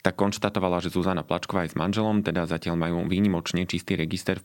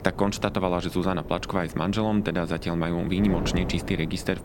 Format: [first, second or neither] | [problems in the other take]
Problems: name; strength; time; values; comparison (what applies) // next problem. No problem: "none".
first | wind noise on the microphone; occasional gusts; 10 dB below the speech